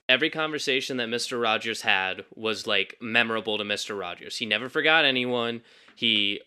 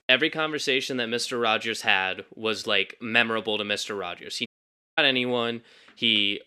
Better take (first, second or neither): first